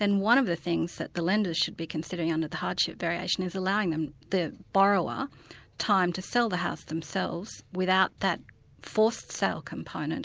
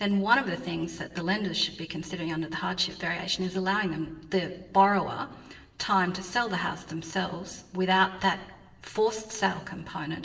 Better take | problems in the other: first | room echo; dies away in 0.9 s

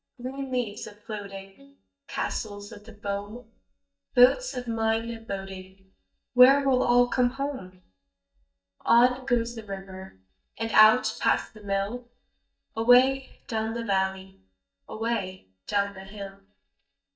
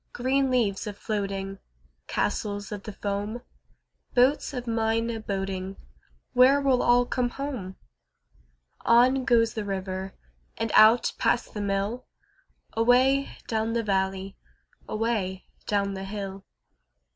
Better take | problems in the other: second | noise reduction (neural mask model DeepFilterNet 3)

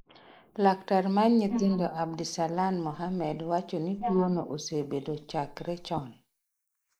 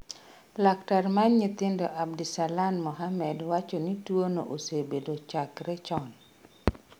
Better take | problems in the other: second | noise reduction (neural mask model Resemble Enhance denoiser)

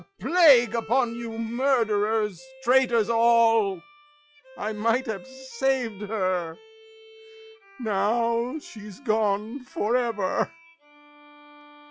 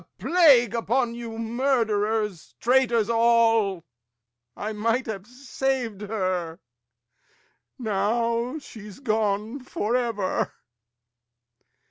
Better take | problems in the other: second | noise reduction (classical method log-MMSE)

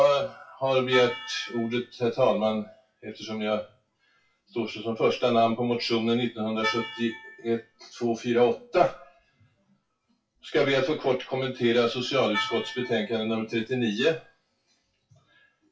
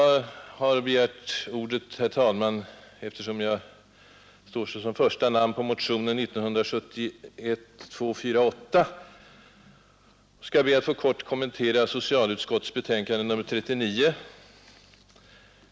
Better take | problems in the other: second | noise reduction (classical method WPE with log-MMSE)

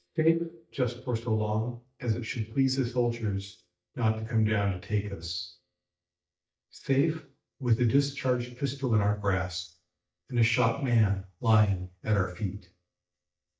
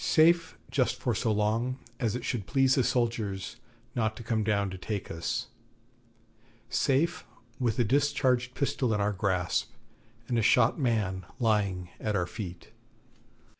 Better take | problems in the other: second | noise reduction (neural mask model DeepFilterNet 3)

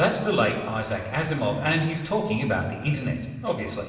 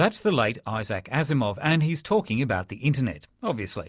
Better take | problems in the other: second | room echo; dies away in 1.3 s

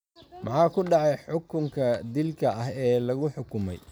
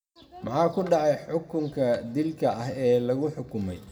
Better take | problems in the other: first | room echo; dies away in 1 s

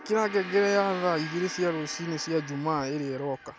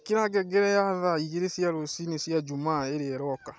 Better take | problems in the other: second | background sound (Gong); 13 dB below the speech

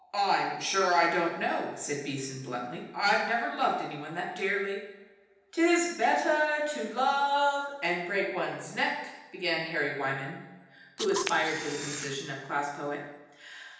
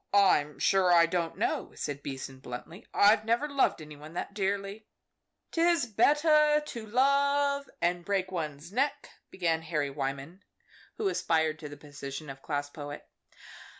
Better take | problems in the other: second | background sound (Camera); 8 dB below the speech // room echo; dies away in 0.9 s

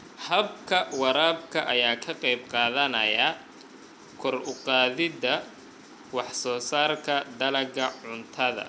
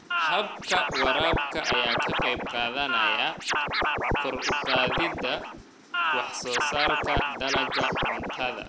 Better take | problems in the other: first | background sound (Scratching (performance technique)); 3 dB above the speech

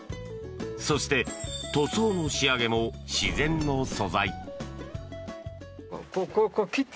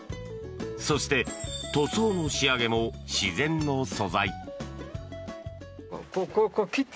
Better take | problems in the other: second | background sound (Boom); 9 dB below the speech

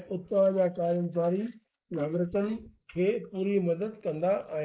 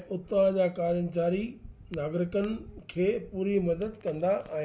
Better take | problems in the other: second | noise reduction (neural mask model Resemble Enhance denoiser)

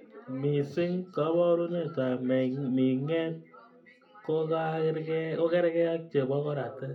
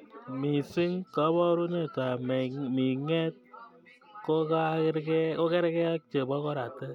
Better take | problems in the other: second | room echo; dies away in 0.3 s

